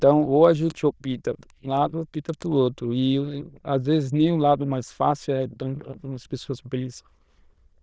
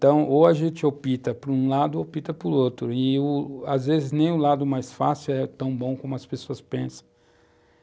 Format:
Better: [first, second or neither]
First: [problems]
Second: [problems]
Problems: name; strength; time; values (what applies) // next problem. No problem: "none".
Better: second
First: noise reduction (neural diffusion model UNIVERSE++)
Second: none